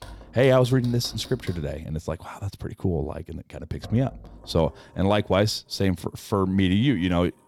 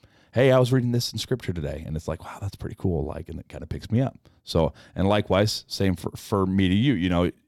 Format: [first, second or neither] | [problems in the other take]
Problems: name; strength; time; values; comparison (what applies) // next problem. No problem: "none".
second | household noises; faint; throughout; 20 dB below the speech